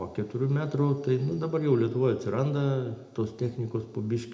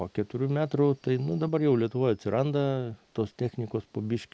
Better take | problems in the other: second | room echo; dies away in 0.6 s

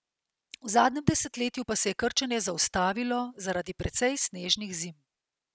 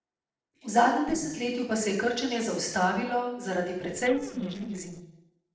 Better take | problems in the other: first | noise reduction (neural separator model SepFormer DNS4)

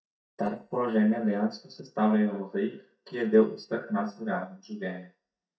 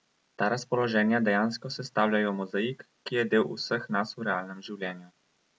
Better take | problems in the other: second | noise reduction (neural mask model DeepFilterNet 3)

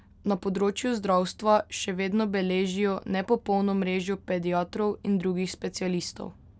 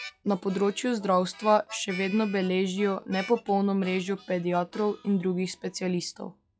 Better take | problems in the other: first | noise reduction (classical method log-MMSE)

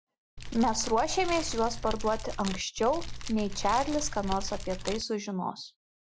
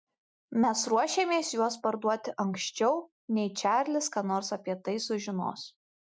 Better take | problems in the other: second | background sound (Fire); 5 dB below the speech

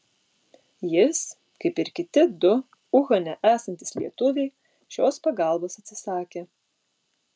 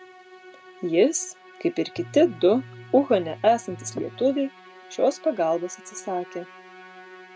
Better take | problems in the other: first | background sound (Musical instrument + Bass guitar); 20 dB below the speech

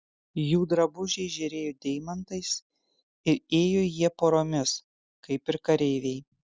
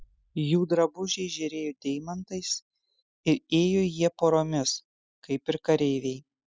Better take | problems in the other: first | noise reduction (classical method spectral subtraction)

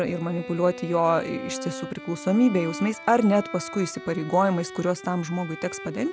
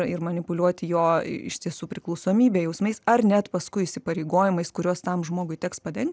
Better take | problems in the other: second | background sound (Bowed string instrument); 13 dB below the speech

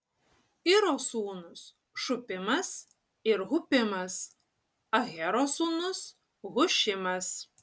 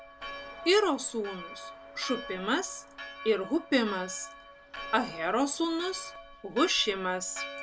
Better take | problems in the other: first | background sound (Church bell); 12 dB below the speech

